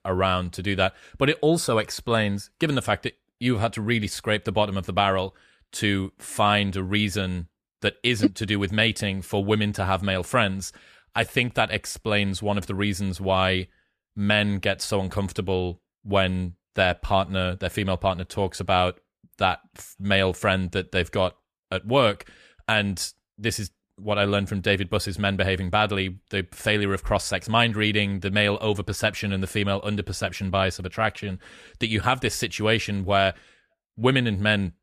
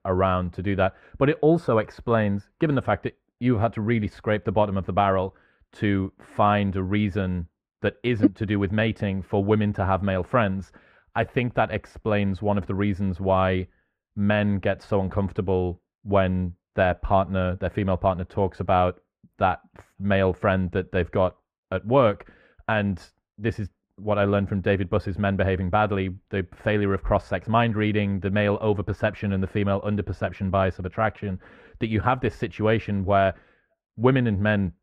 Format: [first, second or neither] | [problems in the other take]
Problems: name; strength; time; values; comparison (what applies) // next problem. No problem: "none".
first | muffled; very; fading above 3 kHz